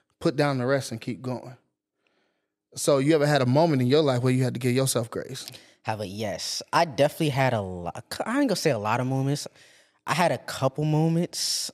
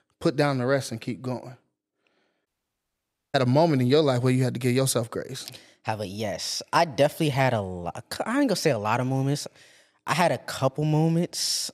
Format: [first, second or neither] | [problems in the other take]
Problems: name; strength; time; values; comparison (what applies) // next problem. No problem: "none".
first | audio cutting out; at 2.5 s for 1 s